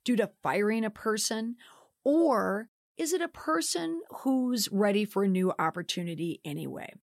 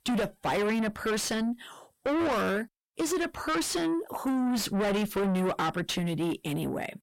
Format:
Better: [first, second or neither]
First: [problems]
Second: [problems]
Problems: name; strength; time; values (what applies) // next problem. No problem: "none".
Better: first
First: none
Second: distortion; heavy; 5 dB below the speech